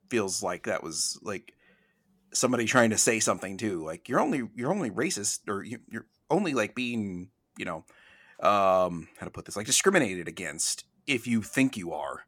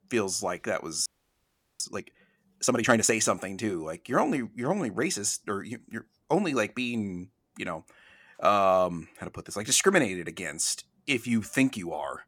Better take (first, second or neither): first